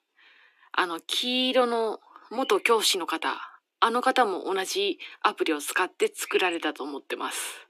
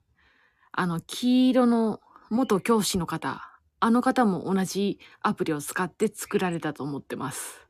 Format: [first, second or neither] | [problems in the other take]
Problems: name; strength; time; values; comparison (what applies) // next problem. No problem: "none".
second | thin; somewhat; fading below 300 Hz